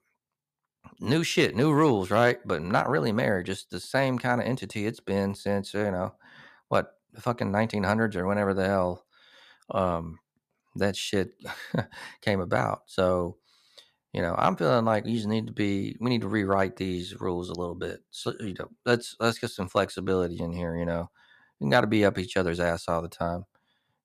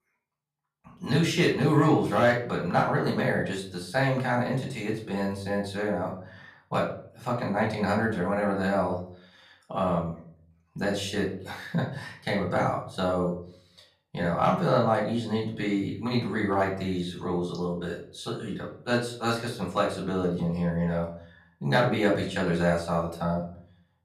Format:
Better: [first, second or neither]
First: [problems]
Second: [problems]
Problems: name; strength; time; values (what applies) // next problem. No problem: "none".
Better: first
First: none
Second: off-mic speech; far // room echo; slight; dies away in 0.4 s